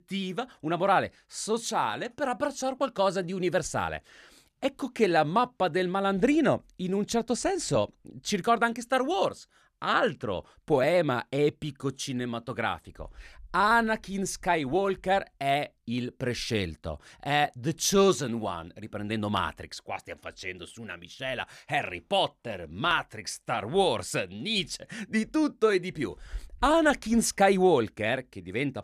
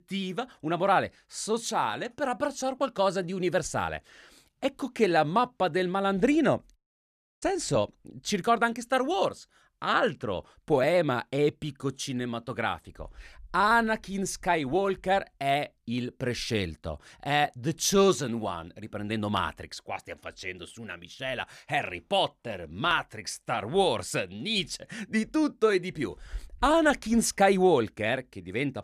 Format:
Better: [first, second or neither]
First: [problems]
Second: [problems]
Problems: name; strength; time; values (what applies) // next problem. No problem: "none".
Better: first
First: none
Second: audio cutting out; at 7 s for 0.5 s